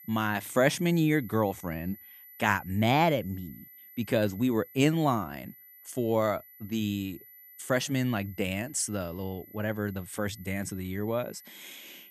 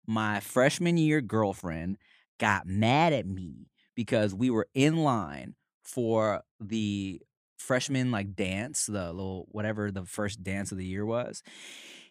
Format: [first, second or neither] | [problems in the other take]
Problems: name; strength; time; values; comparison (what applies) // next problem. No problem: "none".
second | high-pitched whine; noticeable; throughout; 12 kHz, 20 dB below the speech